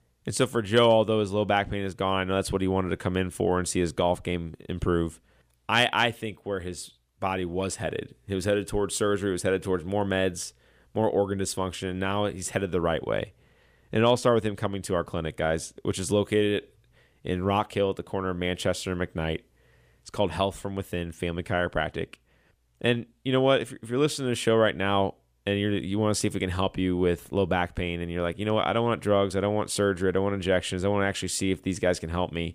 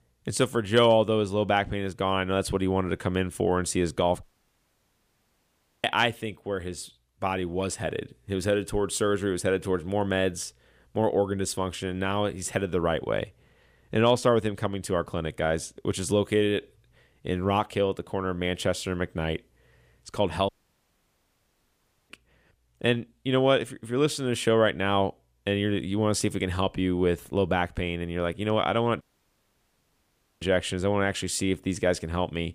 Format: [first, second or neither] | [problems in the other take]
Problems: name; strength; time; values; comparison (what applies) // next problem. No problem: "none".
first | audio cutting out; at 4 s for 1.5 s, at 20 s for 1.5 s and at 29 s for 1.5 s